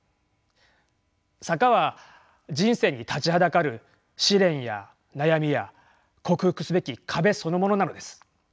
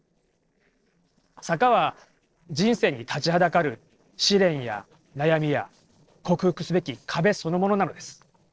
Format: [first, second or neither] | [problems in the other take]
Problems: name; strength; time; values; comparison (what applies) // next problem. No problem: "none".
first | noise reduction (neural separator model SepFormer DNS4)